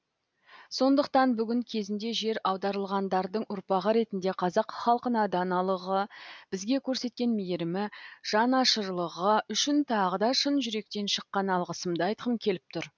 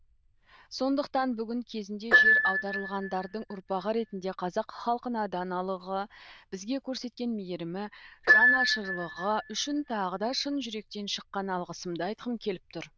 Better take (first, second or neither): first